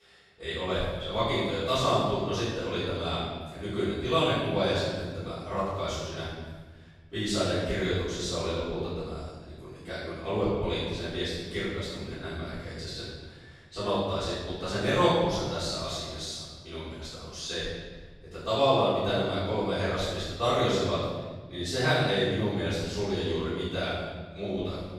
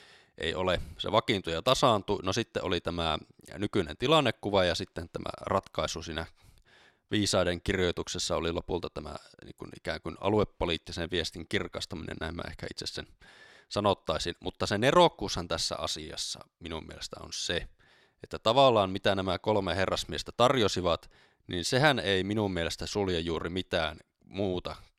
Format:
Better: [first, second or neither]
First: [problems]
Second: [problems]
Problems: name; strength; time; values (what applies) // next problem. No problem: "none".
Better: second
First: room echo; strong; dies away in 1.4 s // off-mic speech; far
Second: none